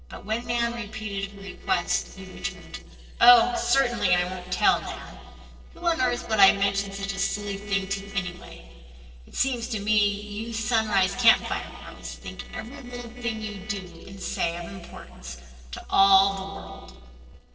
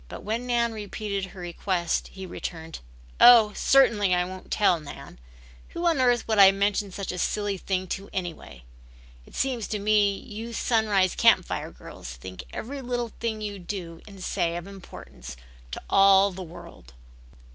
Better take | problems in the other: second | noise reduction (neural separator model SepFormer DNS4)

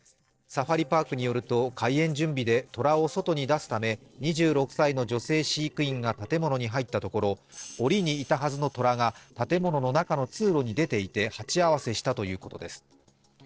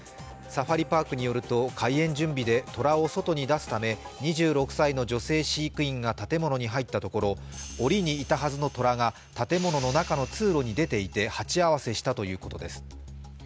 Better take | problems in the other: second | noise reduction (neural separator model SepFormer DNS4)

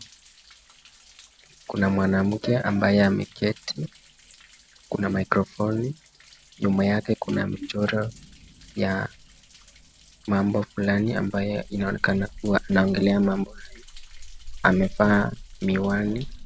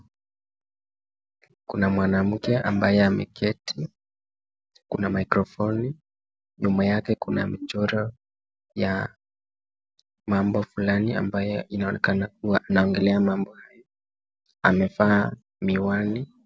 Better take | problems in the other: second | background sound (Thunder); 18 dB below the speech

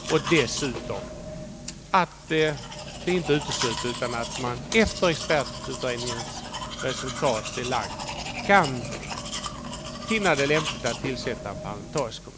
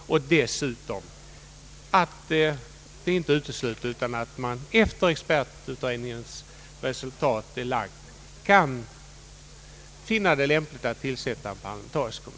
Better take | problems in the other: second | background sound (Domestic sounds, home sounds); 7 dB below the speech

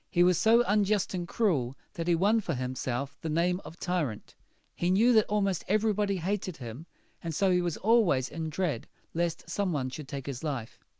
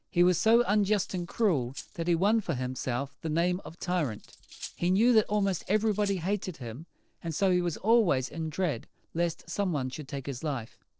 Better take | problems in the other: first | noise reduction (neural separator model SepFormer DNS4)

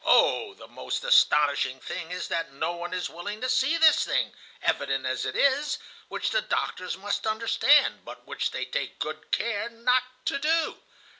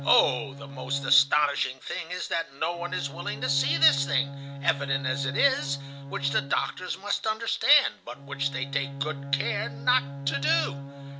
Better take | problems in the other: first | background sound (Bowed string instrument); 10 dB below the speech

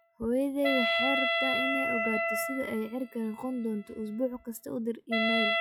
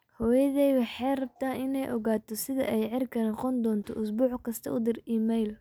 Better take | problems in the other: second | noise reduction (classical method log-MMSE)

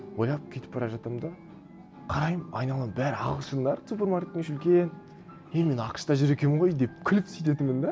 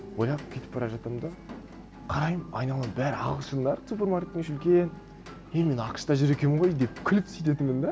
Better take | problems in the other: first | background sound (Rain); 20 dB below the speech

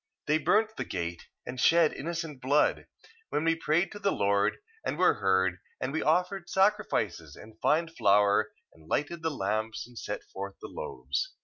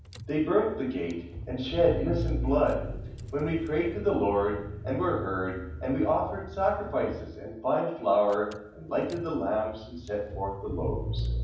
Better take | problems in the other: first | background sound (Engine / Car); 8 dB below the speech // room echo; dies away in 0.9 s

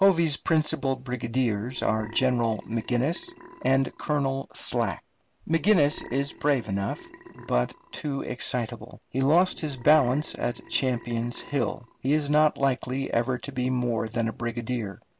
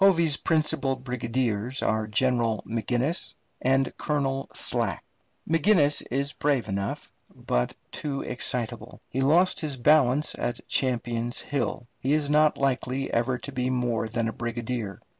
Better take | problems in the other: second | background sound (Burping, eructation); 20 dB below the speech

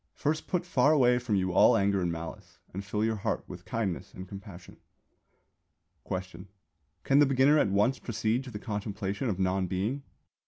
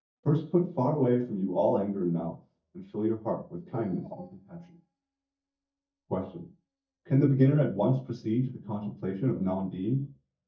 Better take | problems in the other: first | noise reduction (neural mask model DeepFilterNet 3)

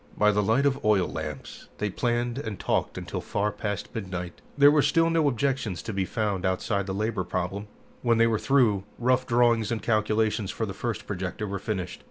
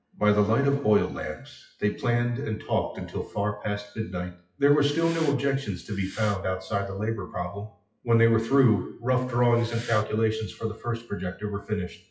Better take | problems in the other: first | noise reduction (classical method WPE with log-MMSE)

